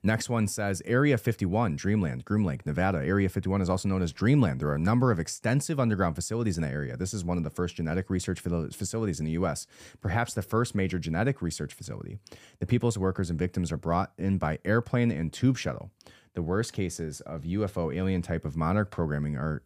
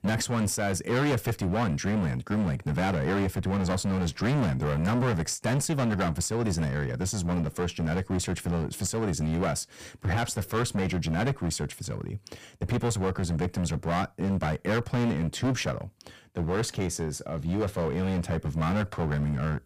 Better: first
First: none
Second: distortion; heavy; 18% of the sound clipped

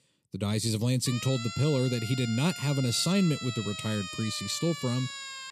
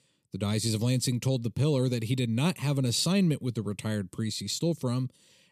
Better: second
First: siren; noticeable; from 1 s on; peak 8 dB below the speech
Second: none

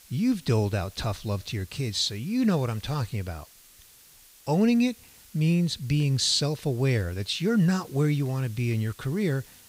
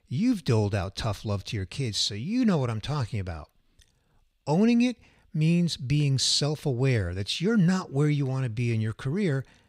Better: second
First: hiss; faint; throughout; 25 dB below the speech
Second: none

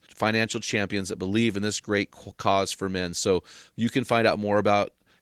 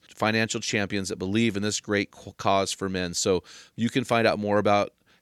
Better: second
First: garbled, watery; slightly; nothing above 15.5 kHz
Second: none

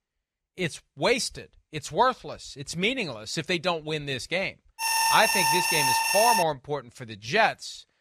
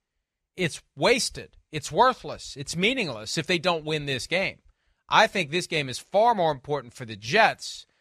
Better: second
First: alarm; loud; from 5 to 6.5 s; peak 5 dB above the speech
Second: none

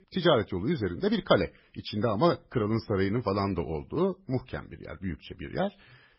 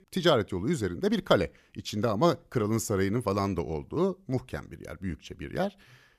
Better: second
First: garbled, watery; badly; nothing above 5.5 kHz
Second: none

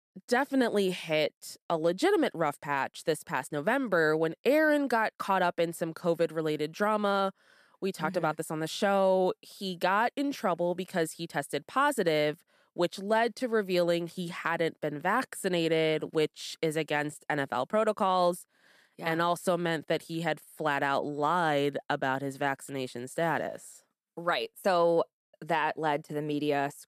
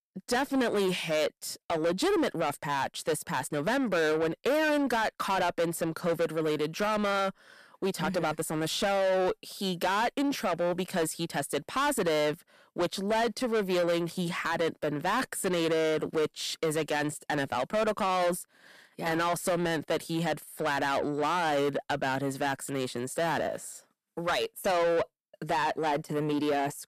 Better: first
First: none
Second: distortion; heavy; 7 dB below the speech

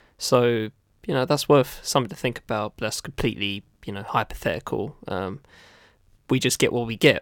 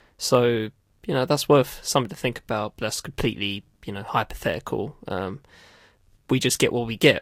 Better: first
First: none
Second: garbled, watery; slightly; nothing above 15 kHz

